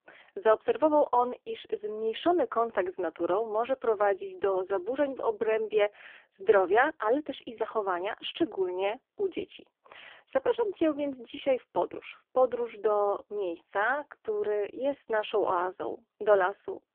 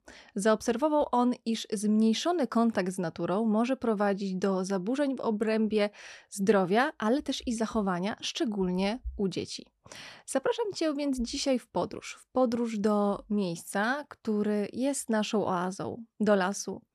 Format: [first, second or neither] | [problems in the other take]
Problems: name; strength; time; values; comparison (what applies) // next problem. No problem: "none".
second | phone-call audio; poor line; nothing above 3.5 kHz